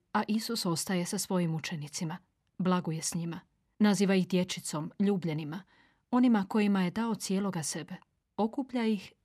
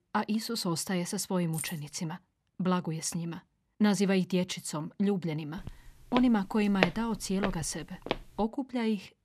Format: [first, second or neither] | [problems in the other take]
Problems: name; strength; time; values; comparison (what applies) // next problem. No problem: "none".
first | jangling keys; noticeable; at 1.5 s; peak 8 dB below the speech // footsteps; loud; from 5.5 to 8 s; peak 1 dB above the speech